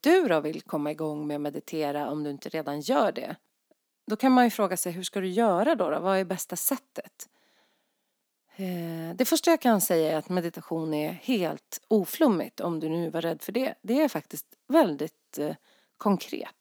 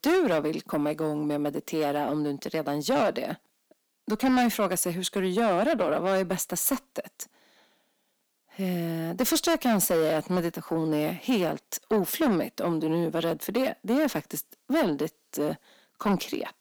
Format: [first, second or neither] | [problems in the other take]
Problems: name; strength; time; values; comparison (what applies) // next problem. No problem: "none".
first | distortion; heavy; 8 dB below the speech